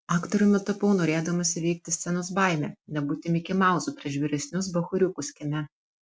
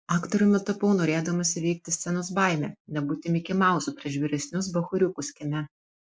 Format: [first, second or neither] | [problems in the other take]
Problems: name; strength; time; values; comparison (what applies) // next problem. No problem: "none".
first | noise reduction (neural mask model Resemble Enhance denoiser)